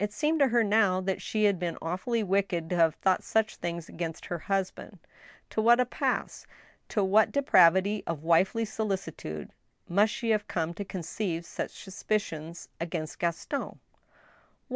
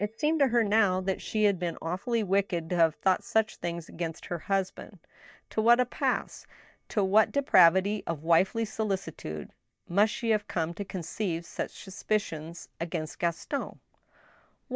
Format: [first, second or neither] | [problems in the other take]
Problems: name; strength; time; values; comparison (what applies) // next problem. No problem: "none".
first | noise reduction (neural mask model DeepFilterNet 3)